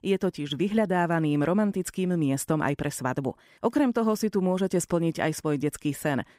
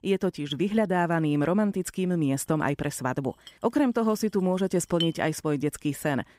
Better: first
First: none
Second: clattering dishes; noticeable; from 3.5 to 5 s; peak 6 dB below the speech

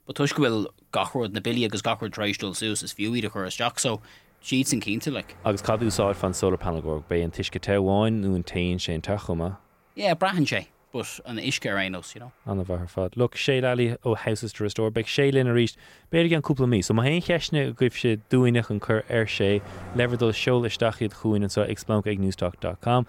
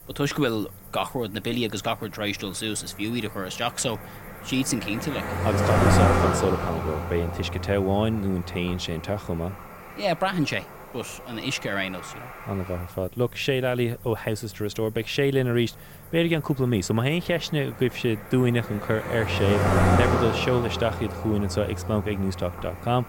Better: first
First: animal sounds; faint; throughout; 20 dB below the speech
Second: animal sounds; loud; throughout; 1 dB below the speech

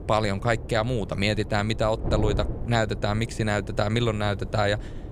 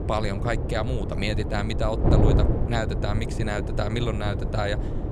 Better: first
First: wind noise on the microphone; occasional gusts; 15 dB below the speech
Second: wind noise on the microphone; heavy; 4 dB below the speech

